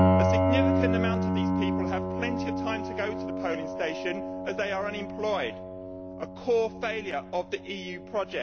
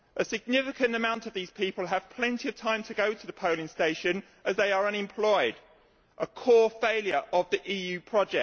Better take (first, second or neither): second